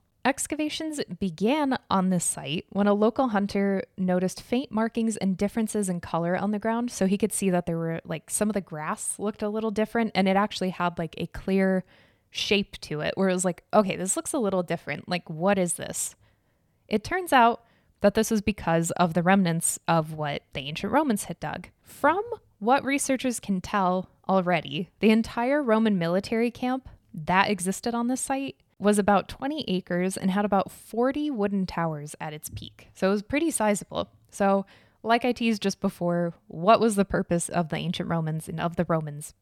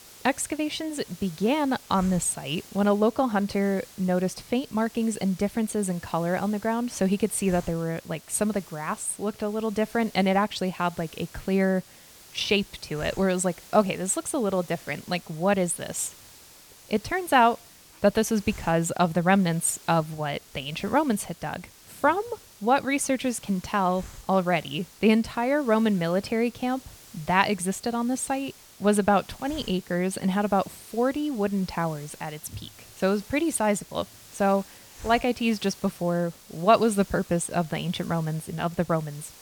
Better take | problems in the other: first | hiss; faint; throughout; 20 dB below the speech

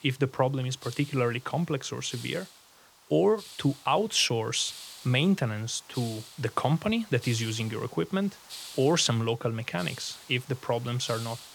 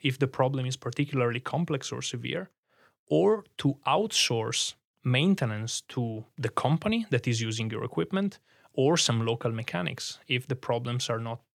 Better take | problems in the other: second | hiss; noticeable; throughout; 15 dB below the speech

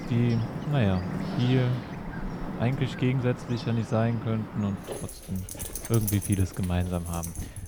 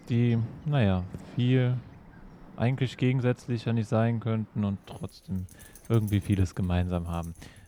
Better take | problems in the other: second | animal sounds; loud; throughout; 8 dB below the speech; faint in the second

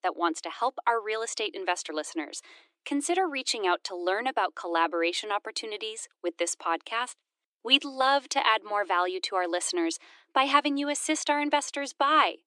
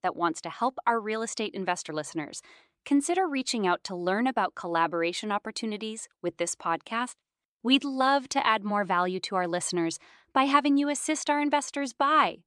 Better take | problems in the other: second | thin; very slightly; fading below 300 Hz

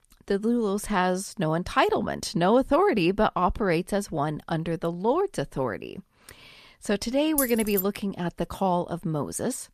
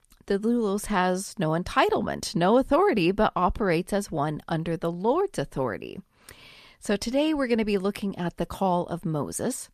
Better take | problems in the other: second | jangling keys; noticeable; at 7.5 s; peak 2 dB below the speech

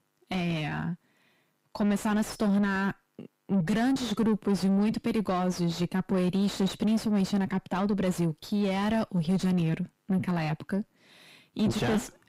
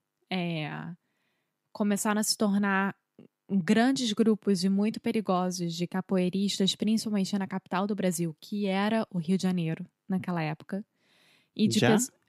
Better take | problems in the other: second | distortion; heavy; 7 dB below the speech

